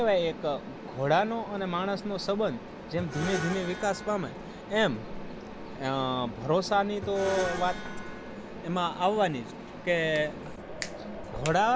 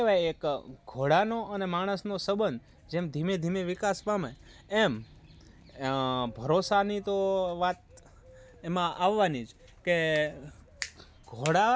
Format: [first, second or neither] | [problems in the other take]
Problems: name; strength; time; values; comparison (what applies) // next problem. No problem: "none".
second | background sound (Mechanisms + Screech); 9 dB below the speech